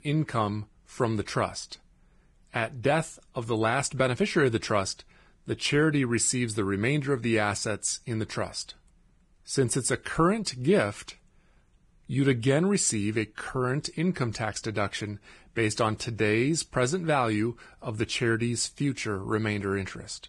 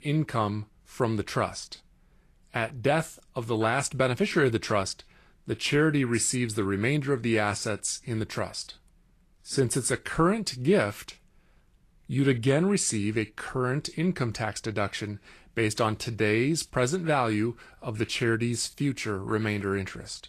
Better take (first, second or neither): second